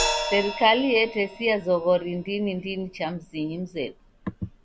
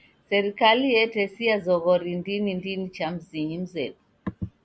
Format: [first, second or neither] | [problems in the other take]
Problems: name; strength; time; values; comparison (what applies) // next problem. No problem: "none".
second | background sound (Crash cymbal); 9 dB below the speech